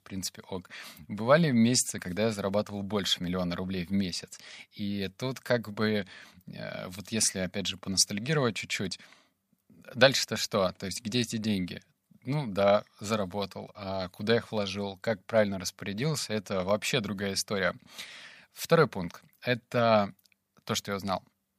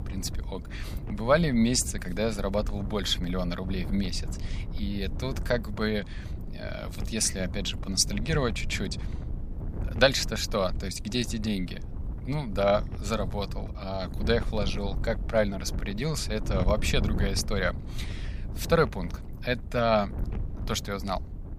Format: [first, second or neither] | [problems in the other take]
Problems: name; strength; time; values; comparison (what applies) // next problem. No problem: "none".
first | wind noise on the microphone; occasional gusts; 20 dB below the speech